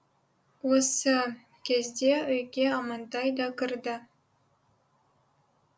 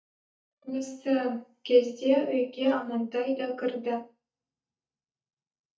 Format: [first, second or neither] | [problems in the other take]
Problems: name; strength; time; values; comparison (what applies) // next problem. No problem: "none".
first | noise reduction (neural mask model DeepFilterNet 3)